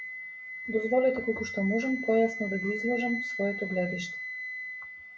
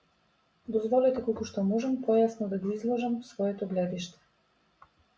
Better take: second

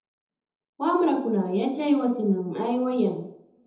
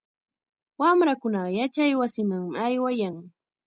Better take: second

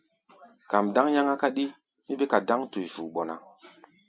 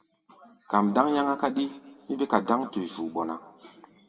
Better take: first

